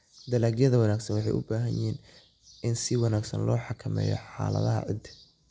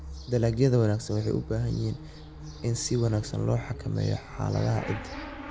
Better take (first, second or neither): first